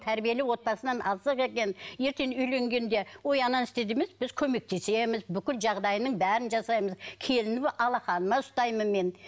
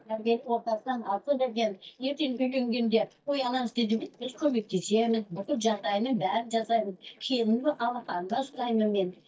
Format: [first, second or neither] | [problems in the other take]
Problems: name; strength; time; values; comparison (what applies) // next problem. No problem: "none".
first | noise reduction (neural mask model DeepFilterNet 3)